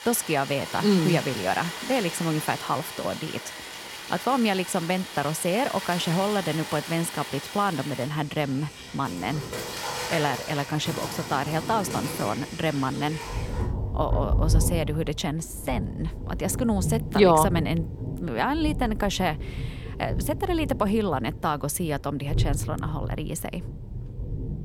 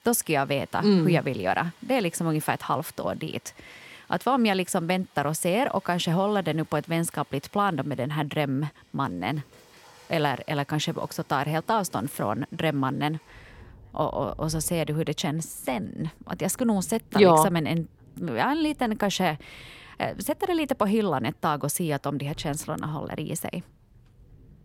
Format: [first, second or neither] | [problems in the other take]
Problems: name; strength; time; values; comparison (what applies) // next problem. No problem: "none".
second | rain or running water; loud; throughout; 6 dB below the speech; faint in the second